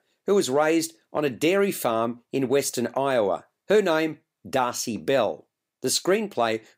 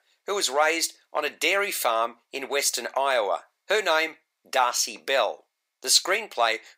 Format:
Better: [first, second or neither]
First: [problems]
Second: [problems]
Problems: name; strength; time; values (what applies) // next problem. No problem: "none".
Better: first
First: none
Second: thin; very; fading below 850 Hz